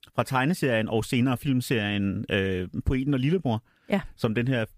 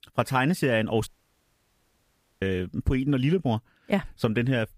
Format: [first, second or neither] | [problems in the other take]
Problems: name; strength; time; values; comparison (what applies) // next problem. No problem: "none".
first | audio cutting out; at 1 s for 1.5 s